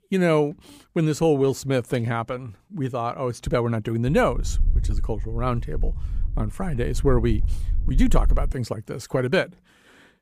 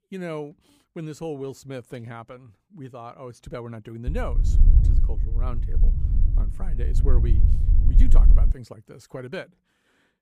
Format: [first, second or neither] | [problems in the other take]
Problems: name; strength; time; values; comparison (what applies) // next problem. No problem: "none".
first | low rumble; loud; from 4 to 8.5 s; 5 dB below the speech; faint in the first